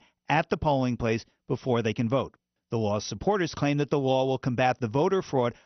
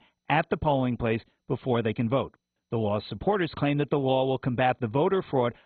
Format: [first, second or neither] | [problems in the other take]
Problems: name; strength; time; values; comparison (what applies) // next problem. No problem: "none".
first | garbled, watery; badly; nothing above 4 kHz; slightly in the first